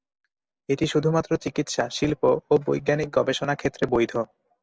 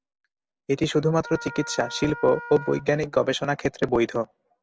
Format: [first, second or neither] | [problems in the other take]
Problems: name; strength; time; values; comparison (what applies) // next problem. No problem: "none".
first | background sound (Wind instrument, woodwind instrument); 14 dB below the speech